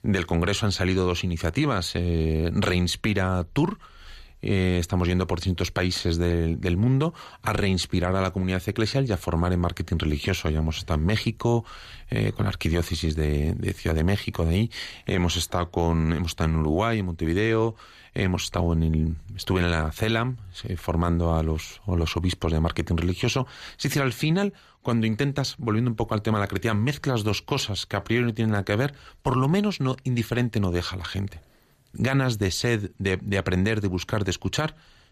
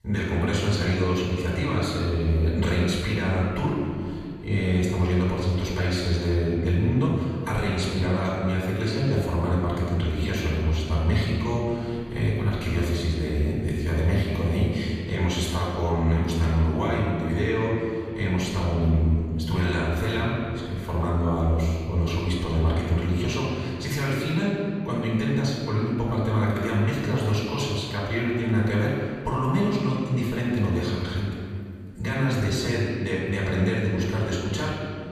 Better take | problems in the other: first | off-mic speech; far // room echo; noticeable; dies away in 2 s

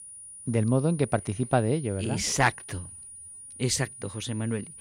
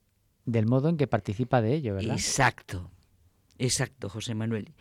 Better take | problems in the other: second | high-pitched whine; noticeable; throughout; 9.5 kHz, 15 dB below the speech

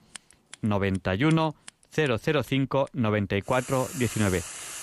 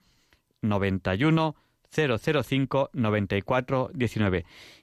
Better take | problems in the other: second | household noises; noticeable; throughout; 15 dB below the speech

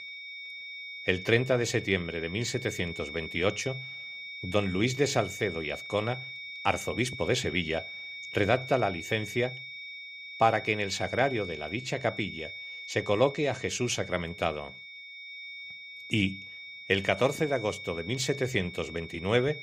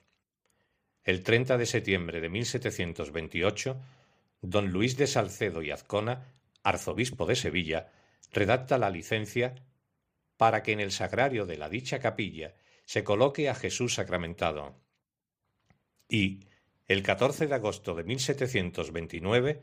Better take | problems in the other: second | high-pitched whine; noticeable; throughout; 2.5 kHz, 10 dB below the speech

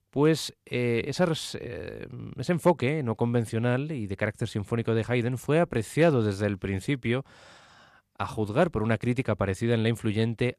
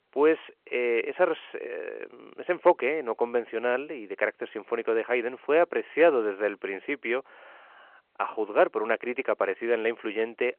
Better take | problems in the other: first | phone-call audio

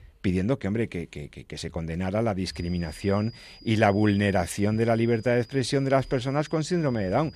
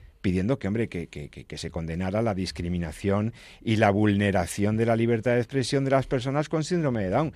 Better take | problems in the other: second | high-pitched whine; faint; from 2.5 s on; 5 kHz, 25 dB below the speech

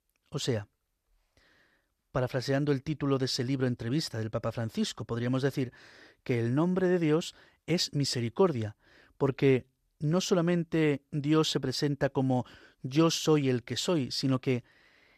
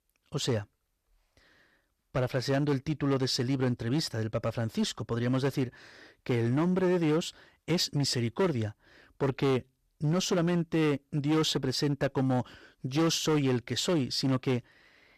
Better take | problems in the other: first | distortion; slight; 9% of the sound clipped

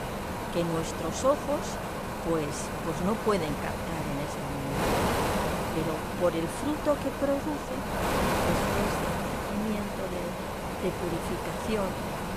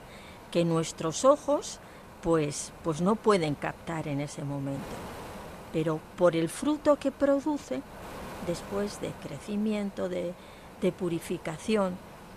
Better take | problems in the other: second | wind noise on the microphone; heavy; 2 dB above the speech; occasional gusts in the second

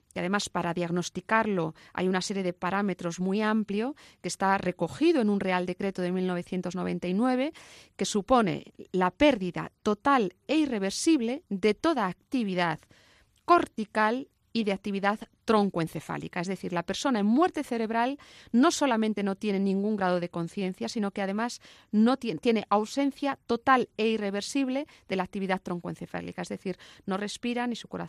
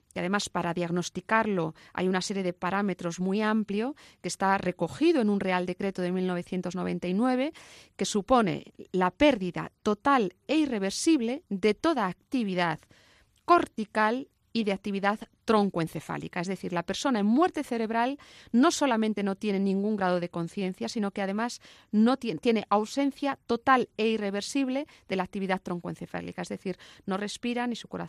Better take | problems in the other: neither | none

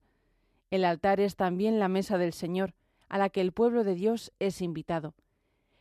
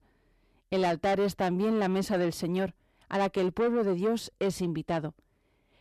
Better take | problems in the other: first | distortion; slight; 10 dB below the speech

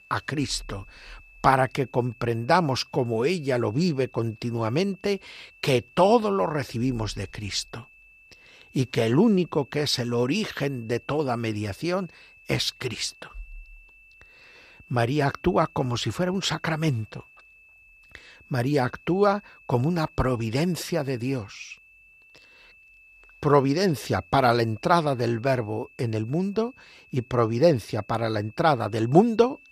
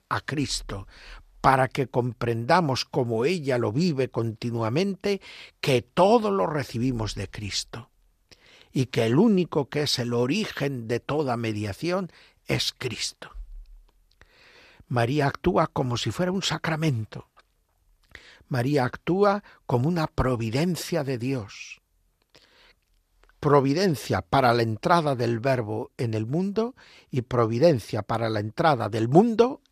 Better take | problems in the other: second | high-pitched whine; faint; throughout; 2.5 kHz, 25 dB below the speech

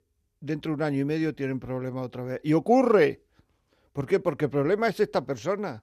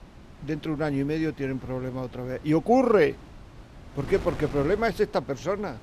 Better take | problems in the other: first | wind noise on the microphone; occasional gusts; 20 dB below the speech

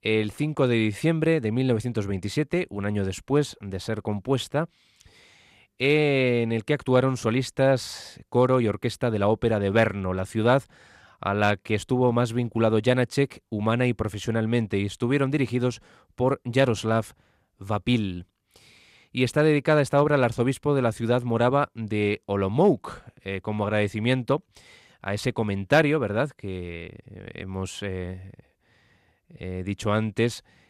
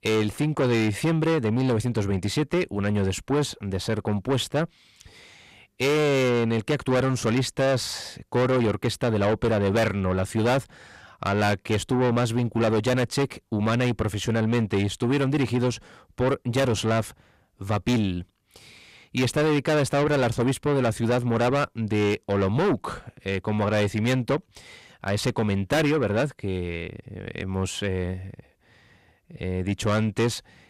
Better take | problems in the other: first | distortion; heavy; 7 dB below the speech

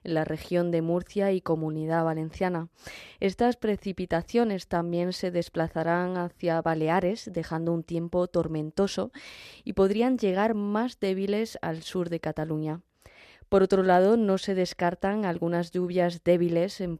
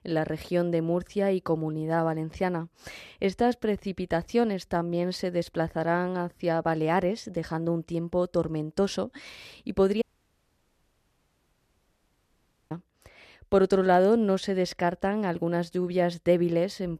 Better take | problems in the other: first | audio cutting out; at 10 s for 2.5 s

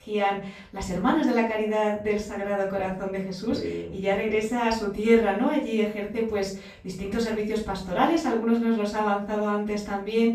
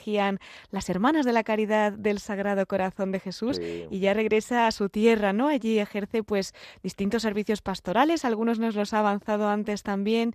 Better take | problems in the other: second | off-mic speech; far // room echo; noticeable; dies away in 0.4 s

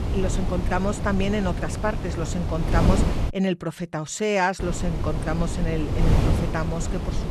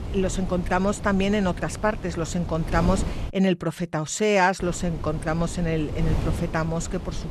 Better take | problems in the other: second | wind noise on the microphone; heavy; until 3.5 s and from 4.5 s on; 5 dB below the speech; occasional gusts in the second

